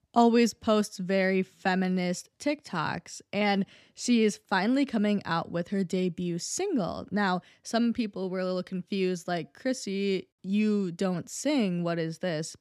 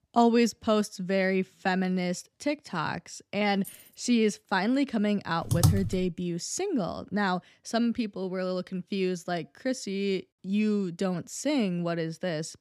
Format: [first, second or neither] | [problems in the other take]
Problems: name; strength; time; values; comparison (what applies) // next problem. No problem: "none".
first | jangling keys; faint; at 3.5 s; peak 15 dB below the speech // keyboard typing; loud; at 5.5 s; peak 4 dB above the speech